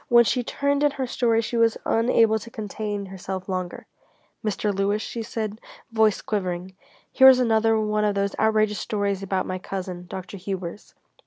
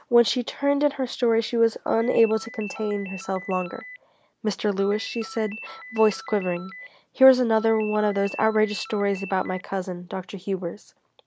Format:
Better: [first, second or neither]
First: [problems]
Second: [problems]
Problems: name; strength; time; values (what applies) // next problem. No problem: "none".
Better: first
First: none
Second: background sound (Ringtone); 16 dB below the speech